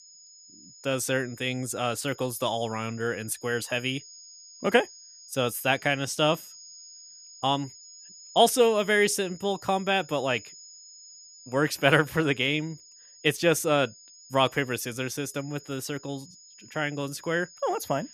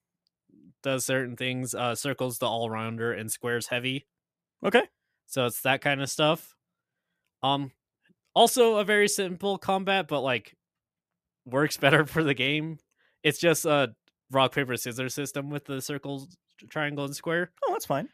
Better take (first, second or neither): second